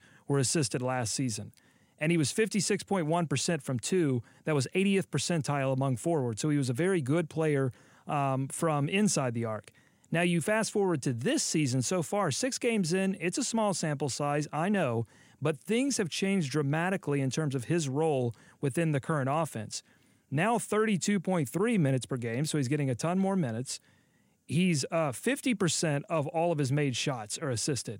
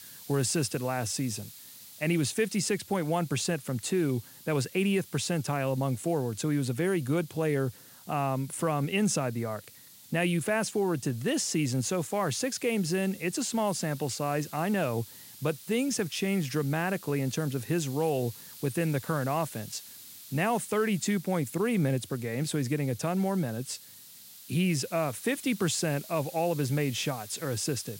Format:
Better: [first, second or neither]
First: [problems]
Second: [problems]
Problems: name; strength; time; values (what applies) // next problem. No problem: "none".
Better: first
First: none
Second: hiss; noticeable; throughout; 15 dB below the speech